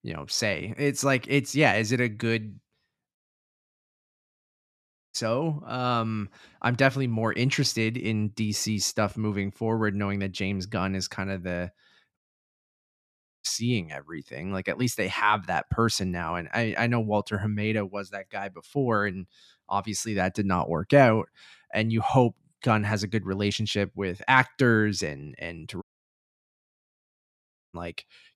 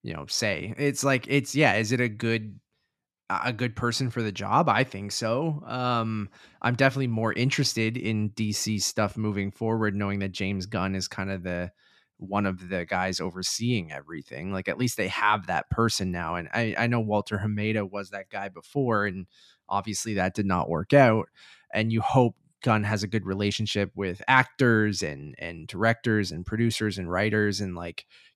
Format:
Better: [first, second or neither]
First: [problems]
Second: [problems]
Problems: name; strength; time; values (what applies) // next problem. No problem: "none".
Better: second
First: audio cutting out; at 3 s for 2 s, at 12 s for 1.5 s and at 26 s for 2 s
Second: none